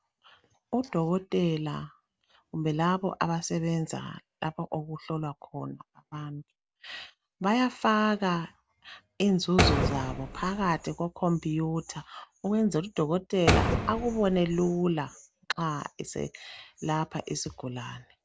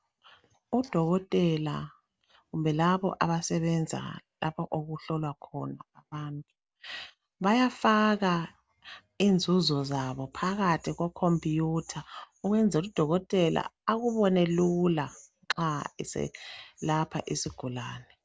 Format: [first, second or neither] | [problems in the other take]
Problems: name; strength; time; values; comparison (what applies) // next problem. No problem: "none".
second | background sound (Door); 1 dB above the speech